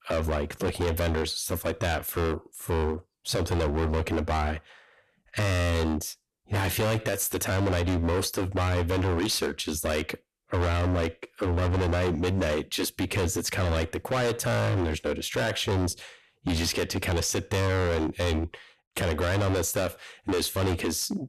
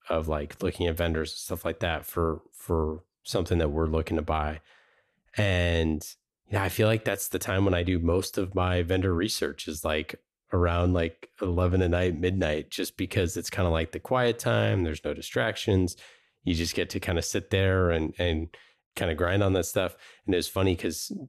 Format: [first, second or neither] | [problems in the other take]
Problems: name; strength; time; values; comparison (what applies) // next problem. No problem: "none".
second | distortion; heavy; 26% of the sound clipped